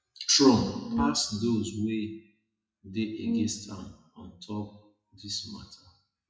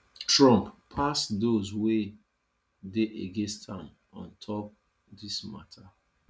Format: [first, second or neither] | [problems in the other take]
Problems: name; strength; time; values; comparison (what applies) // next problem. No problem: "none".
second | noise reduction (classical method WPE with log-MMSE)